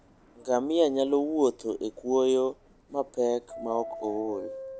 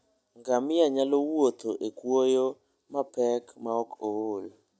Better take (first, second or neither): second